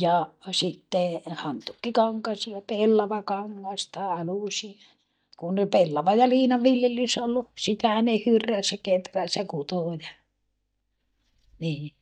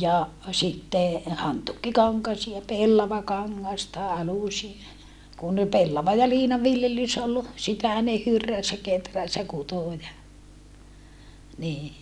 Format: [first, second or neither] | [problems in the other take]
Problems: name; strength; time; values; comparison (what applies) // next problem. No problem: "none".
second | noise reduction (neural mask model DeepFilterNet 3)